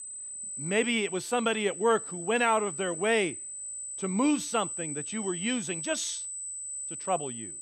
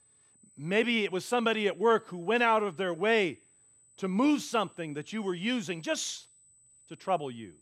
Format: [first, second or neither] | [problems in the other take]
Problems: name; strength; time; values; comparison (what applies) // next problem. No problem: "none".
second | high-pitched whine; loud; throughout; 8 kHz, 6 dB below the speech; faint in the second